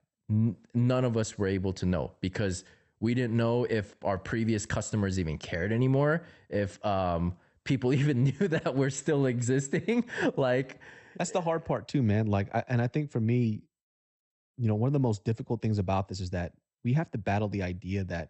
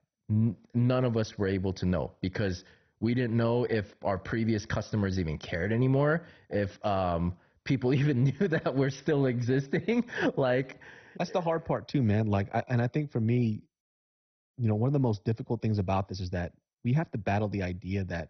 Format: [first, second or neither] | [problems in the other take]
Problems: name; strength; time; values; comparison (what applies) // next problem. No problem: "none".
first | garbled, watery; badly; nothing above 6 kHz; slightly in the first